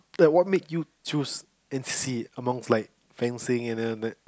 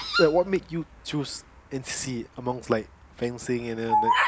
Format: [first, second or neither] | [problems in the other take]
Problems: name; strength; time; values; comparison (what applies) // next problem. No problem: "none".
first | background sound (Bird vocalization, bird call, bird song); 2 dB below the speech